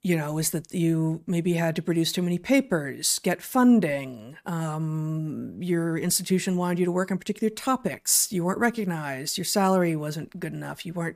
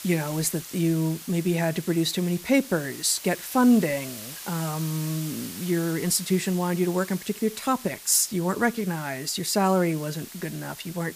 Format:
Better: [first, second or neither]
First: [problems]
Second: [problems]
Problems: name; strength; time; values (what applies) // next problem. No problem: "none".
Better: first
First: none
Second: hiss; noticeable; throughout; 15 dB below the speech